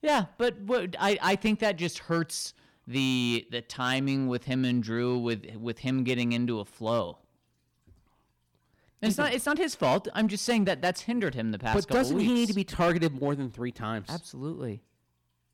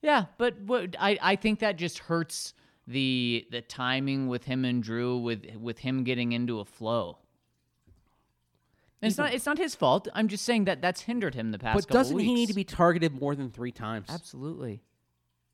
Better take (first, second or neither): second